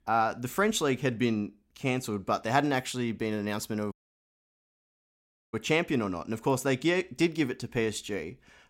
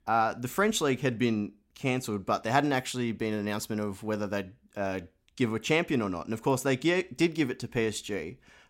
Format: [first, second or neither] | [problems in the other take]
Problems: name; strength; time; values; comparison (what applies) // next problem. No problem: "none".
second | audio cutting out; at 4 s for 1.5 s